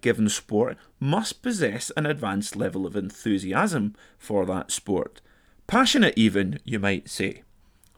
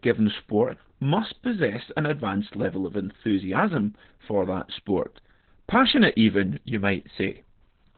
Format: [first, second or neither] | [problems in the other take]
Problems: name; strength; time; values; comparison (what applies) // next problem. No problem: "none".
first | garbled, watery; badly; nothing above 4 kHz